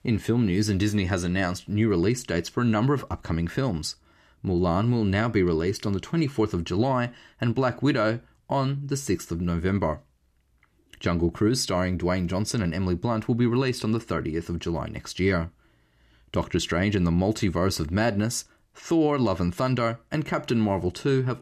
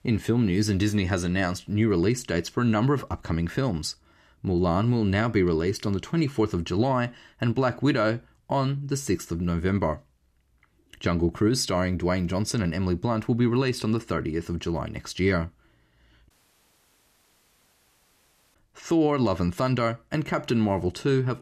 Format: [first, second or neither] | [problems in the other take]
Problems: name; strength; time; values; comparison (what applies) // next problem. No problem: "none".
first | audio cutting out; at 16 s for 2.5 s